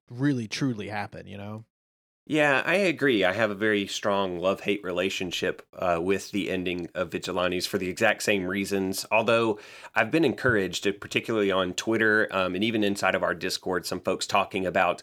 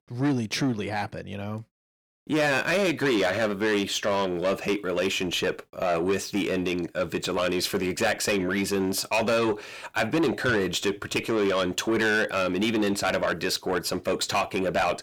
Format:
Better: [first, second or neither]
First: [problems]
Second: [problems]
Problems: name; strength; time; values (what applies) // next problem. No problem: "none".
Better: first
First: none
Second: distortion; heavy; 8 dB below the speech